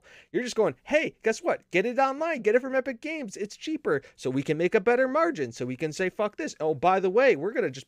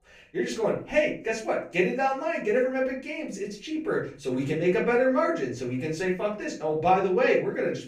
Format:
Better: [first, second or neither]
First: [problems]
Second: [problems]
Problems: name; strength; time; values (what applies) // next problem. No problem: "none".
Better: first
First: none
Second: off-mic speech; far // room echo; slight; dies away in 0.4 s